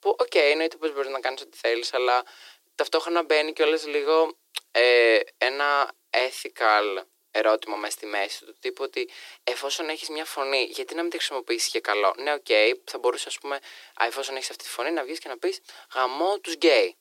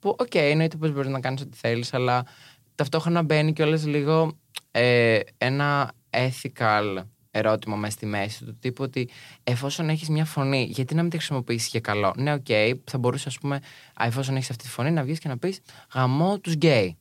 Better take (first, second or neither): second